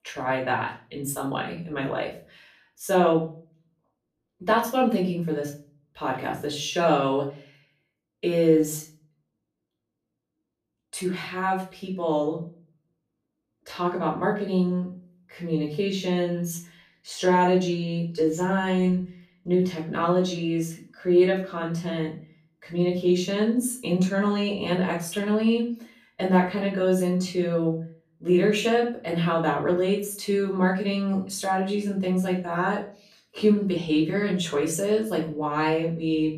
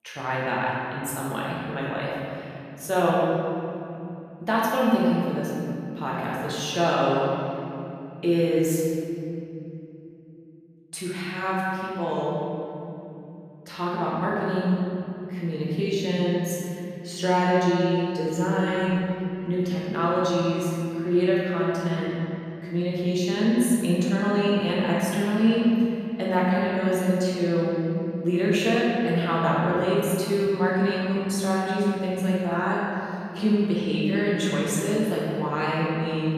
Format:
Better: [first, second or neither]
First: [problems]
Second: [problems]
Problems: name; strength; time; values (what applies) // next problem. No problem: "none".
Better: first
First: room echo; slight; dies away in 0.4 s // off-mic speech; far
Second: room echo; strong; dies away in 3 s // off-mic speech; far